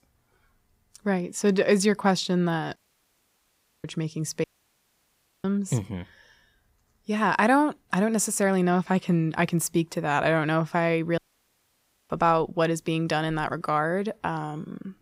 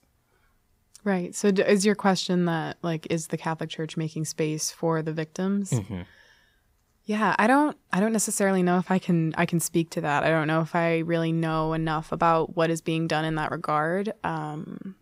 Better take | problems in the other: second | audio cutting out; at 3 s for 1 s, at 4.5 s for 1 s and at 11 s for 1 s

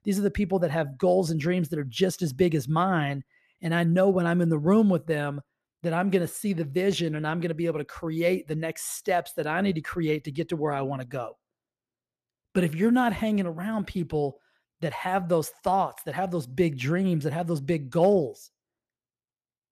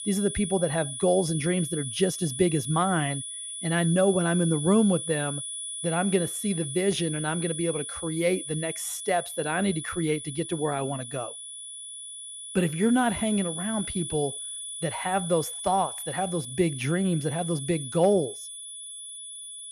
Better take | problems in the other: first | high-pitched whine; loud; throughout; 10 kHz, 7 dB below the speech

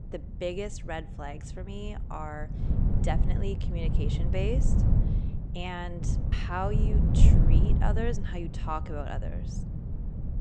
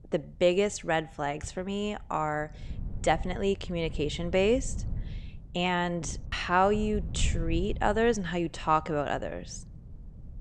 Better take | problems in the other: second | wind noise on the microphone; heavy; 4 dB below the speech; occasional gusts in the second

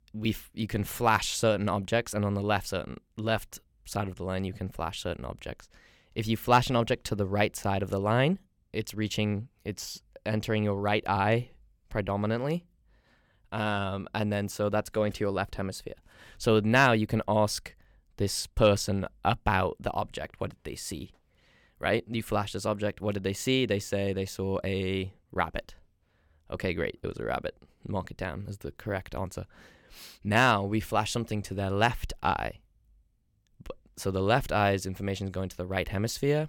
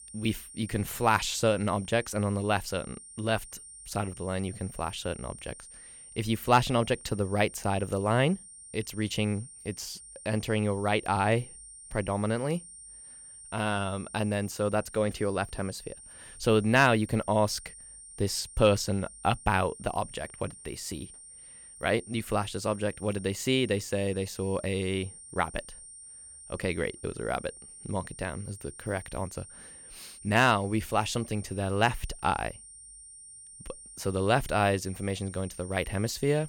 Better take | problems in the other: first | high-pitched whine; noticeable; throughout; 9 kHz, 15 dB below the speech

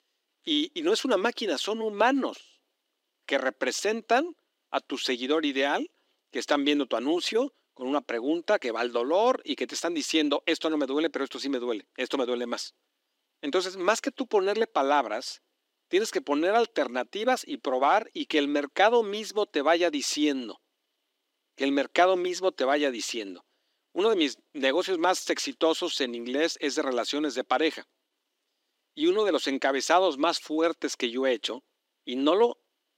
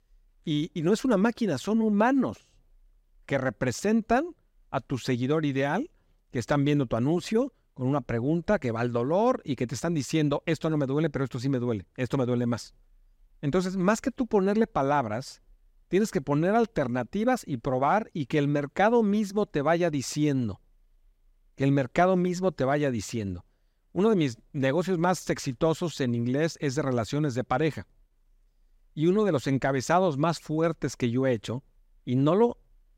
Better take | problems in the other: second | thin; somewhat; fading below 300 Hz

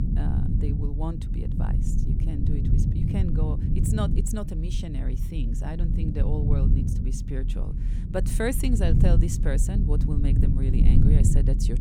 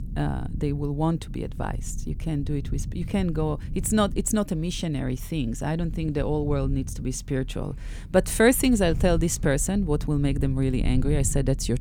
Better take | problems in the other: second | low rumble; loud; throughout; 2 dB below the speech; faint in the second

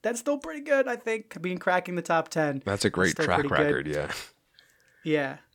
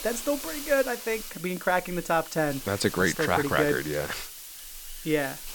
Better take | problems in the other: first | hiss; noticeable; throughout; 10 dB below the speech

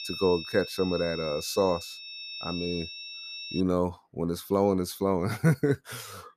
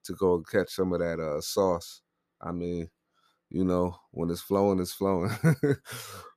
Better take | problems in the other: second | high-pitched whine; loud; until 3.5 s; 5.5 kHz, 9 dB below the speech

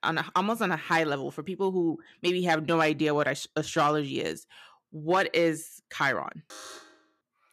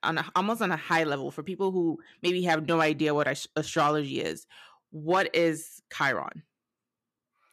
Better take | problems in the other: second | alarm; faint; at 6.5 s; peak 15 dB below the speech

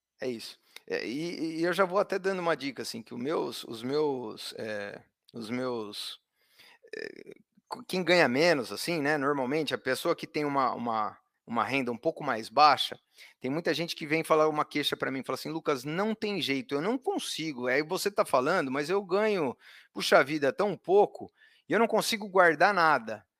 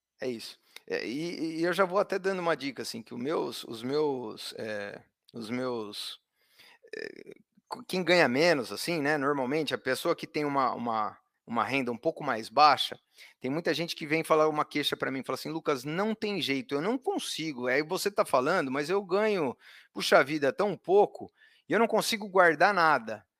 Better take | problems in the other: neither | none

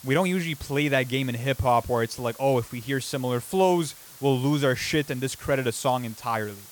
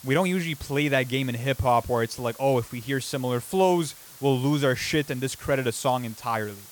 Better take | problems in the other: neither | hiss; noticeable; throughout; 20 dB below the speech; the same in both

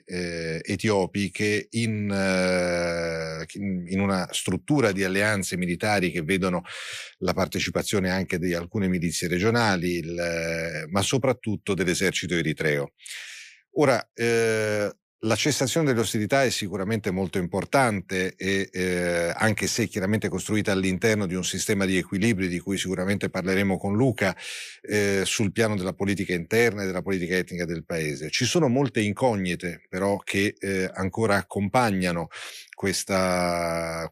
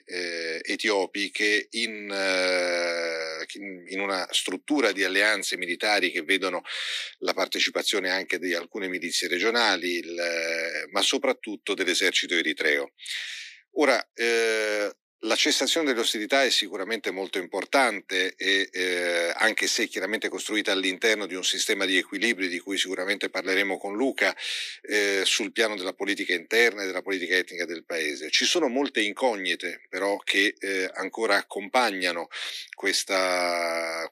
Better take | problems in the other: first | thin; somewhat; fading below 250 Hz

